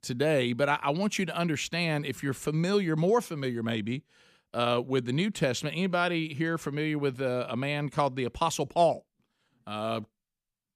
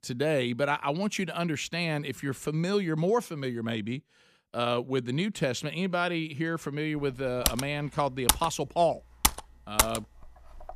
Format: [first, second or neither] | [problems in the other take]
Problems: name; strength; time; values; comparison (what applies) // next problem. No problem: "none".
first | keyboard typing; loud; from 7.5 to 10 s; peak 4 dB above the speech